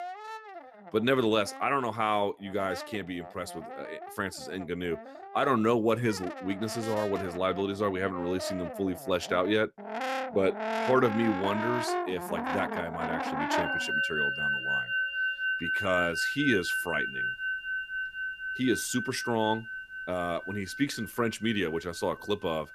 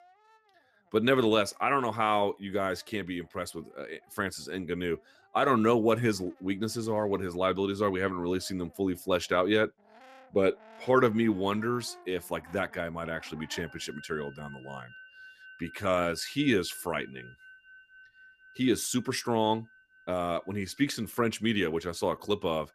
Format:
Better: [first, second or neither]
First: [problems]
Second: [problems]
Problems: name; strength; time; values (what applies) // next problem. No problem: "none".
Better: second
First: background music; loud; throughout; 3 dB below the speech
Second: background music; faint; throughout; 25 dB below the speech